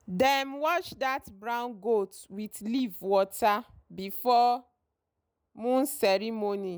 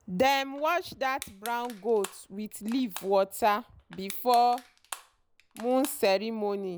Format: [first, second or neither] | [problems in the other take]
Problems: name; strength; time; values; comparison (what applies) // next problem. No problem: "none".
first | background sound (Crushing); 18 dB below the speech